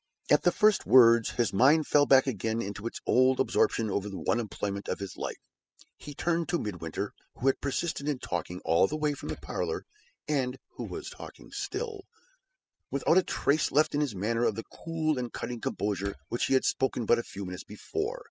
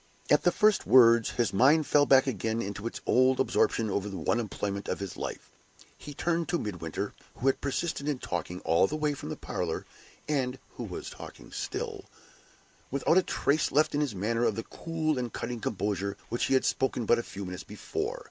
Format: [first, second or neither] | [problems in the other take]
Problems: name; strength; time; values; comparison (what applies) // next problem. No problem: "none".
second | noise reduction (classical method spectral subtraction)